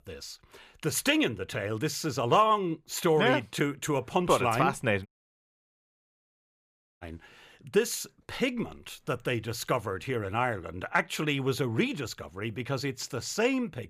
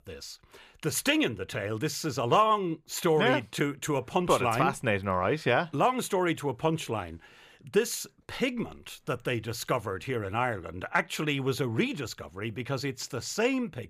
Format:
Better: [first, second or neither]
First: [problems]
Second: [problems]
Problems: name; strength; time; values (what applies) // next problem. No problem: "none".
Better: second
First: audio cutting out; at 5 s for 2 s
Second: none